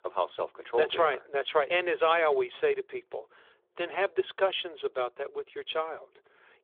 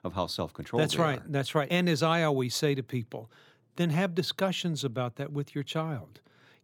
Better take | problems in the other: second | phone-call audio; nothing above 3.5 kHz

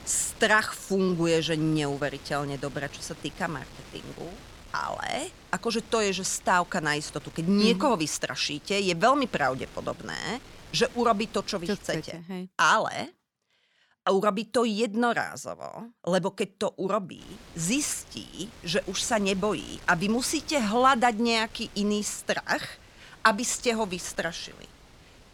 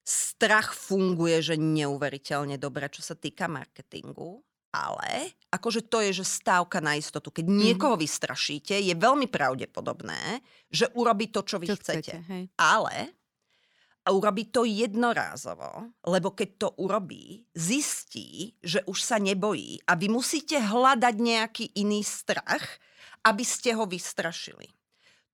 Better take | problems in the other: second | wind noise on the microphone; occasional gusts; until 12 s and from 17 s on; 25 dB below the speech

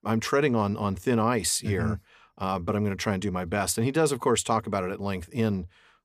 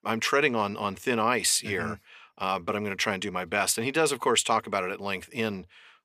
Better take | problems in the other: first | thin; somewhat; fading below 450 Hz

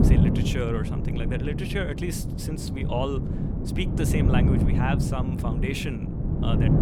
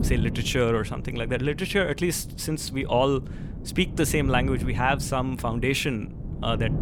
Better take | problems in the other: second | wind noise on the microphone; heavy; 2 dB below the speech; occasional gusts in the second

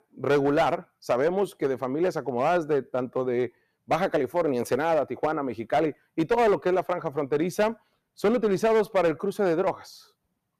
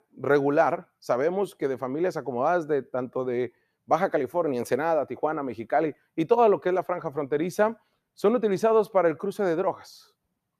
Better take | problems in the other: second | distortion; slight; 7% of the sound clipped

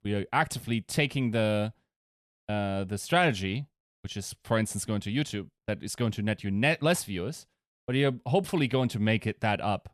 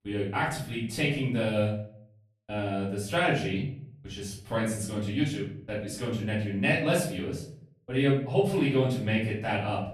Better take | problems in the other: first | off-mic speech; far // room echo; noticeable; dies away in 0.5 s

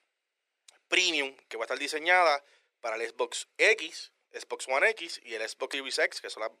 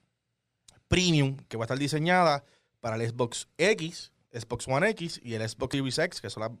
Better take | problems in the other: second | thin; very; fading below 400 Hz

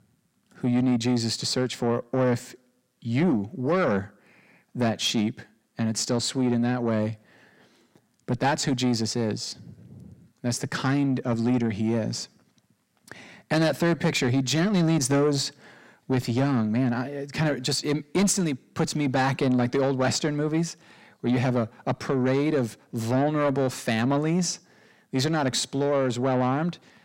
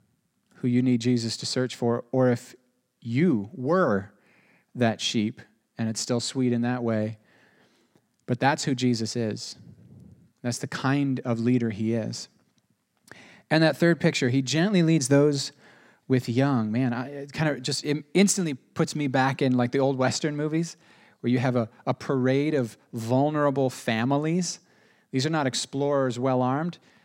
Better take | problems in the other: second | distortion; slight; 10 dB below the speech

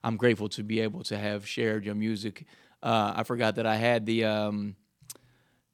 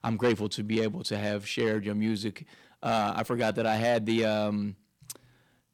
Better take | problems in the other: first | distortion; slight; 10 dB below the speech

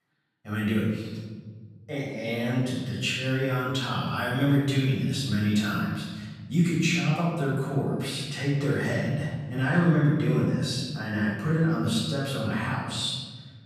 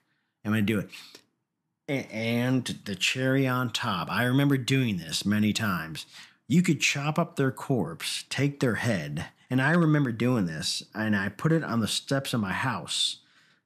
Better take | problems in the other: second | off-mic speech; far // room echo; strong; dies away in 1.7 s

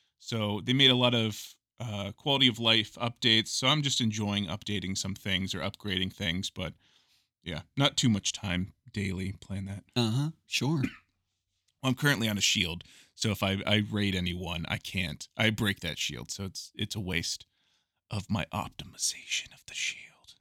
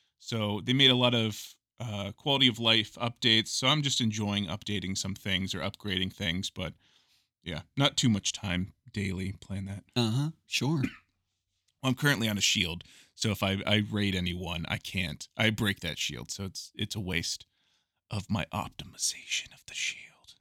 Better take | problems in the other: neither | none

